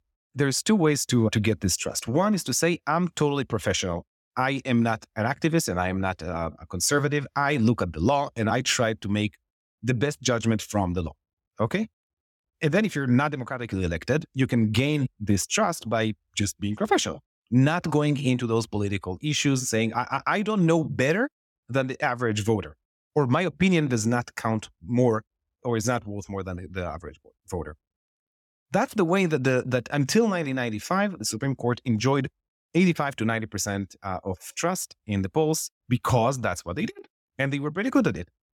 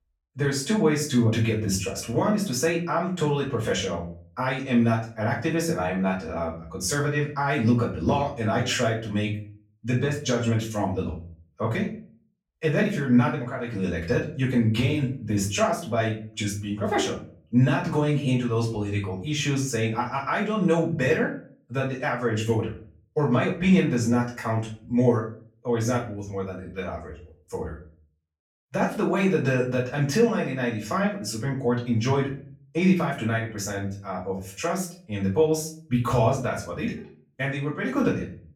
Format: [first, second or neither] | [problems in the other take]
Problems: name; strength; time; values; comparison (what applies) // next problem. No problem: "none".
first | off-mic speech; far // room echo; slight; dies away in 0.4 s